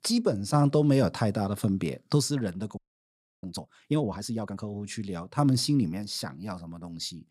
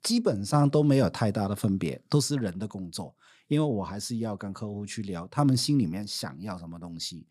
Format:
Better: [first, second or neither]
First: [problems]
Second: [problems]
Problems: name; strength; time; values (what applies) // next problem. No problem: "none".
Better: second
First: audio freezing; at 3 s for 0.5 s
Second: none